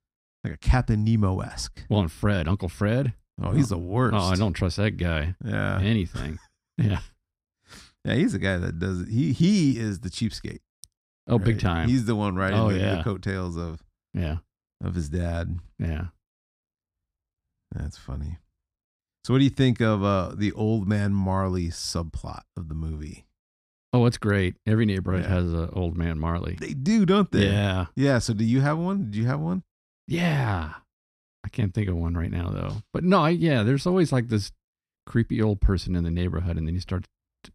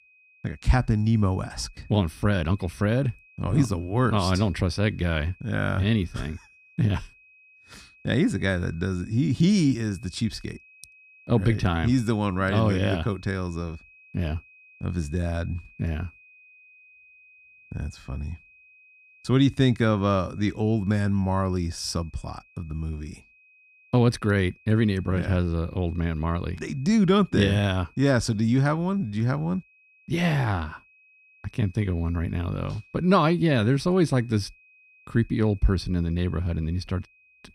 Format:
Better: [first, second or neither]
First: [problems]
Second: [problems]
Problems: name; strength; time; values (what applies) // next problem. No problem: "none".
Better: first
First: none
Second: high-pitched whine; faint; throughout; 2.5 kHz, 30 dB below the speech